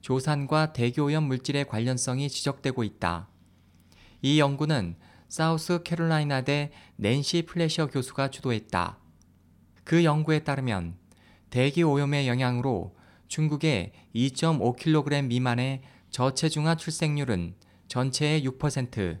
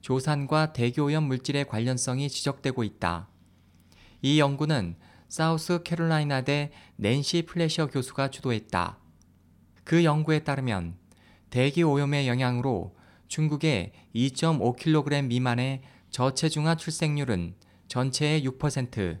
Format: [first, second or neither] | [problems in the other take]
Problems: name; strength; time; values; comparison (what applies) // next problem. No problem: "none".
neither | none